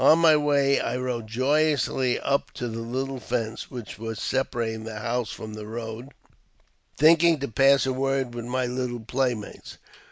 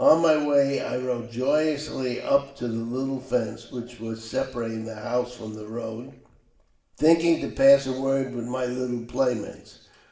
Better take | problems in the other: first | room echo; dies away in 0.8 s

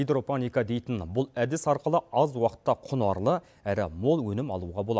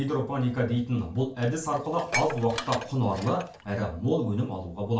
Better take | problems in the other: first | background sound (Dishes, pots, and pans); 11 dB below the speech // room echo; dies away in 0.3 s

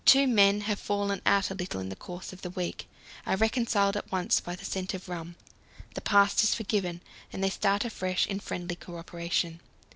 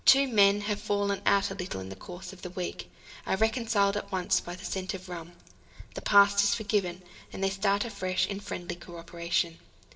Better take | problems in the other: first | room echo; dies away in 1.2 s

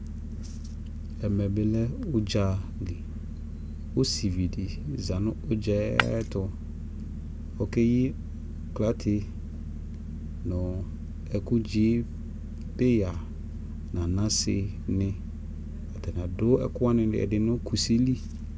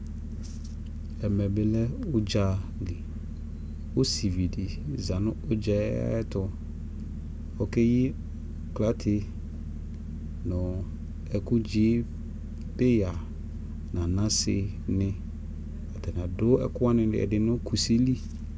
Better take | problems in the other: second | background sound (Shatter); 4 dB below the speech

